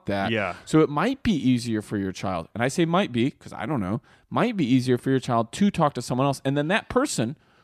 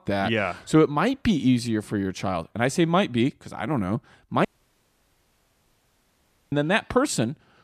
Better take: first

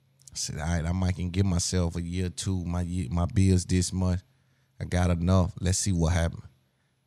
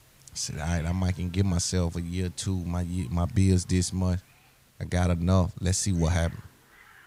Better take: first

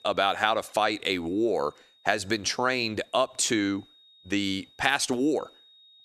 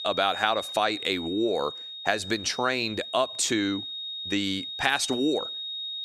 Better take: first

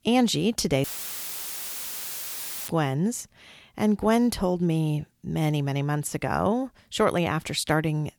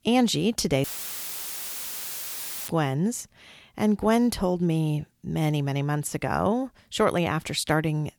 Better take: neither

